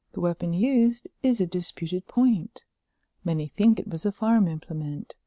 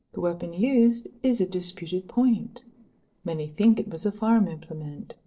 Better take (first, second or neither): first